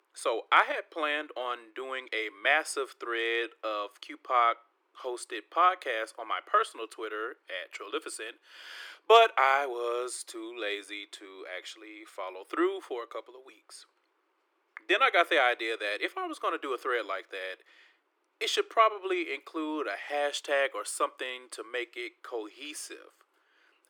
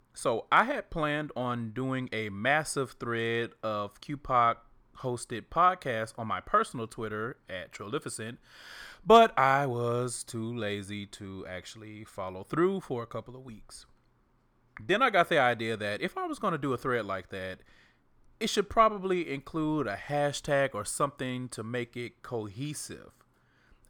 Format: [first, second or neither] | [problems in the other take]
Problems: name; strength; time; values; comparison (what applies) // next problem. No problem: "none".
second | thin; very; fading below 300 Hz